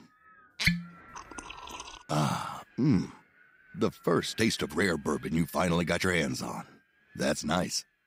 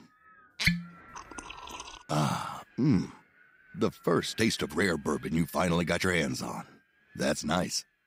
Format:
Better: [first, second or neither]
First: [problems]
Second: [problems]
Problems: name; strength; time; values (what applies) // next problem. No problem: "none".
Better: neither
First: wind noise on the microphone; occasional gusts; 25 dB below the speech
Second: wind noise on the microphone; occasional gusts; 25 dB below the speech